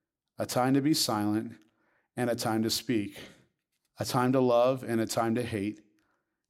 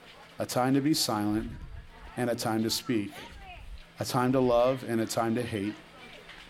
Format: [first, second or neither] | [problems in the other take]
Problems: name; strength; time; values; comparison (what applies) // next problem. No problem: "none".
first | hiss; noticeable; throughout; 20 dB below the speech